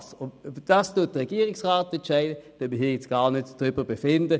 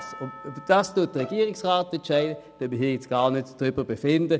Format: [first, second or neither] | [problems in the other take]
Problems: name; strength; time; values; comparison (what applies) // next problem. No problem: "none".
first | background sound (Bowed string instrument + Percussion); 18 dB below the speech